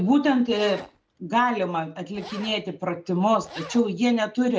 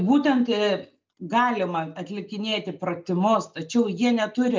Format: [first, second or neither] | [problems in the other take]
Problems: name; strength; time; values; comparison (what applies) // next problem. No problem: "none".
second | background sound (Zipper (clothing)); 20 dB below the speech